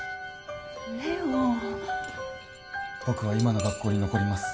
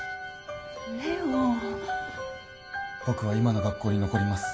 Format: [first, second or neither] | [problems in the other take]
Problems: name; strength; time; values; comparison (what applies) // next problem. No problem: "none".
second | background sound (Cutlery, silverware / Dishes, pots, and pans); 19 dB below the speech